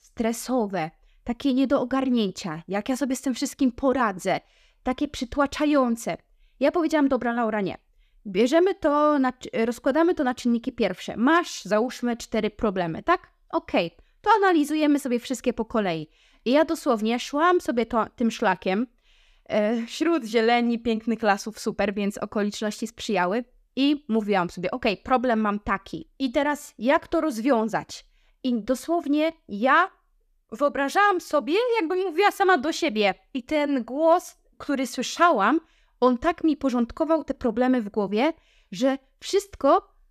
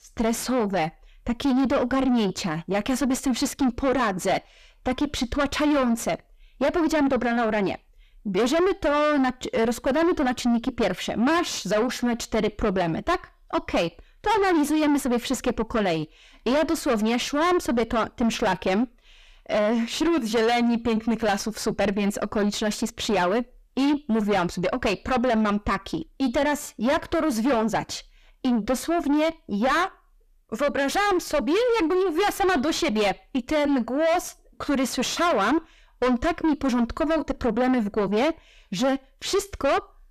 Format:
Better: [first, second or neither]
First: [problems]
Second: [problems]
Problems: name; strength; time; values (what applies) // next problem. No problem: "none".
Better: first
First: none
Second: distortion; heavy; 4 dB below the speech